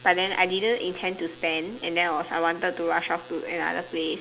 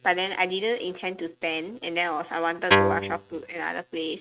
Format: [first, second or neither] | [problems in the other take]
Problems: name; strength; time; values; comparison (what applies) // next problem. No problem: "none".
first | noise reduction (neural mask model RNNoise)